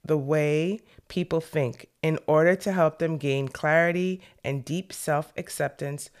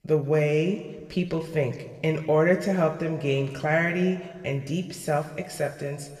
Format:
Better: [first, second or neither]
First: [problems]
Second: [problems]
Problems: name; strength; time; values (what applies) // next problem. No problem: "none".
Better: first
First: none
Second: room echo; slight; dies away in 1.5 s // off-mic speech; somewhat distant